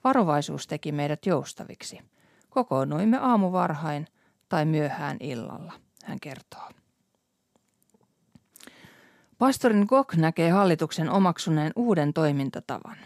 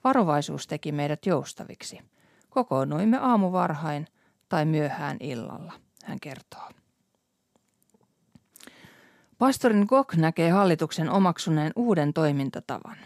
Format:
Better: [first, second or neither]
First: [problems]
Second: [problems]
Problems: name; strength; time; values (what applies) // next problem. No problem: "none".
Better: neither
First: none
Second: none